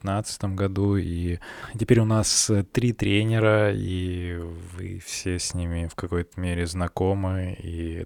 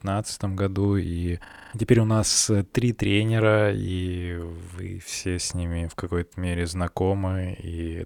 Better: first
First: none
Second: audio freezing; at 1.5 s

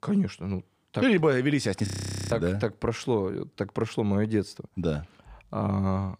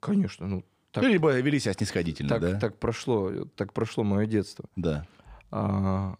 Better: second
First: audio freezing; at 2 s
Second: none

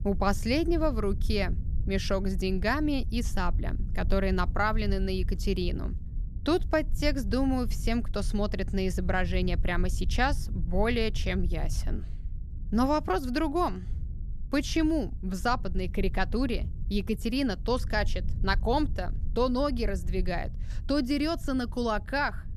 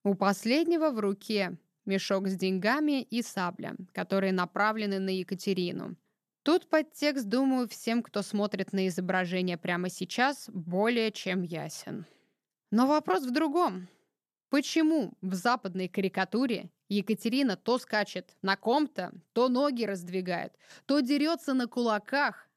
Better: second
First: low rumble; faint; throughout; 20 dB below the speech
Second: none

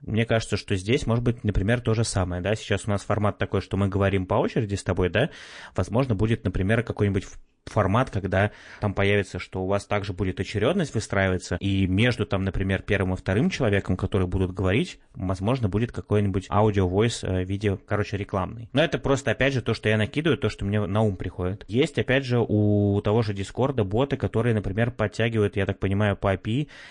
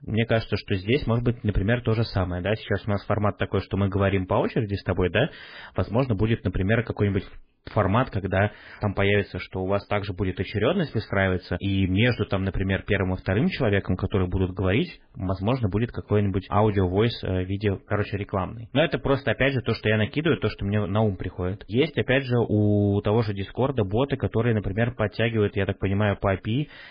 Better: first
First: garbled, watery; slightly; nothing above 9 kHz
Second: garbled, watery; badly

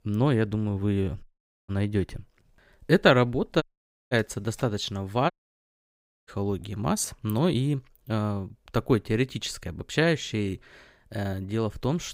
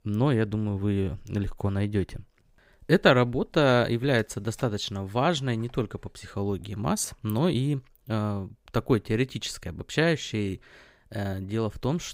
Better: second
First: audio cutting out; at 1 s, at 3.5 s and at 5.5 s for 1 s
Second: none

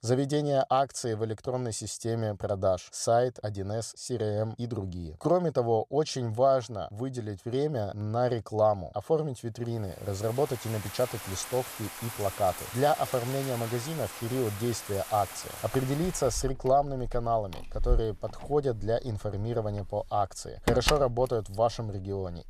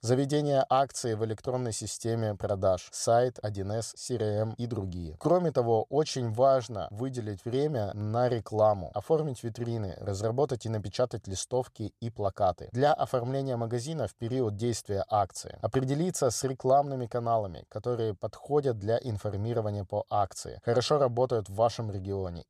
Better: second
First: household noises; loud; from 10 s on; 8 dB below the speech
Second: none

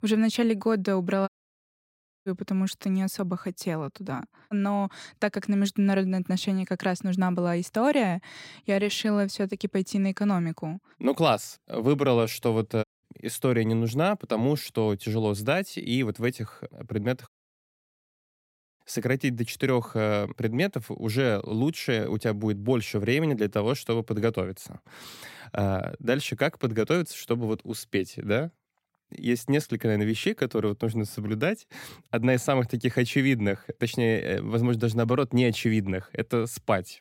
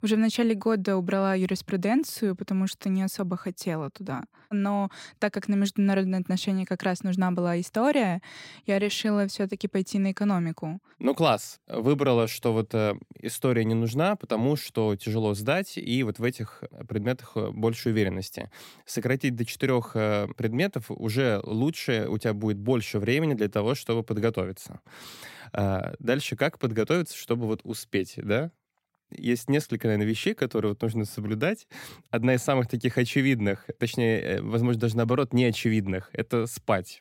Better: second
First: audio cutting out; at 1.5 s for 1 s, at 13 s and at 17 s for 1.5 s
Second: none

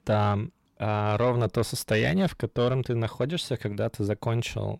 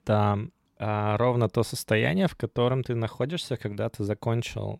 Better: second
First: distortion; slight; 10 dB below the speech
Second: none

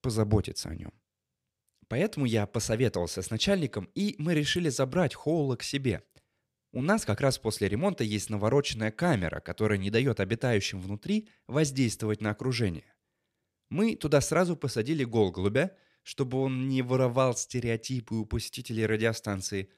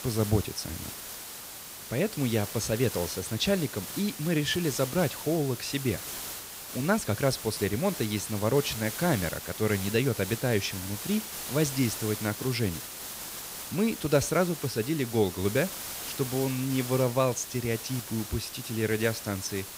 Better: first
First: none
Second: hiss; loud; throughout; 8 dB below the speech

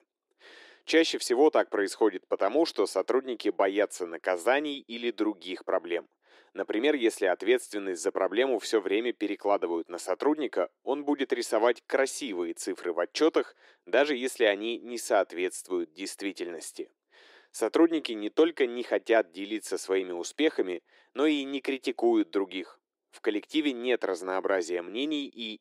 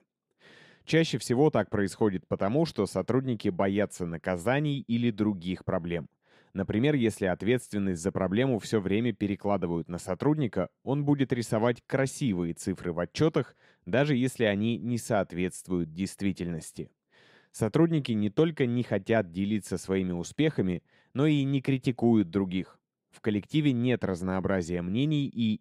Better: second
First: thin; somewhat; fading below 300 Hz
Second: none

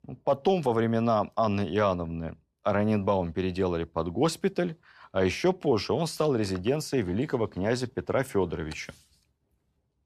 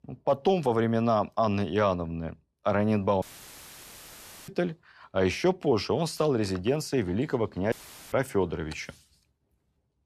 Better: first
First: none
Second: audio cutting out; filled with static; at 3 s for 1.5 s and at 7.5 s

